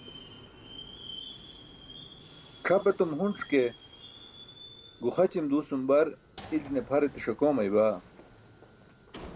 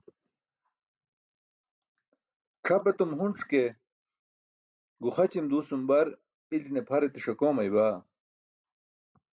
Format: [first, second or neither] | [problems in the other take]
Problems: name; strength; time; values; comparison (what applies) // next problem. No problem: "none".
second | background sound (Subway, metro, underground); 18 dB below the speech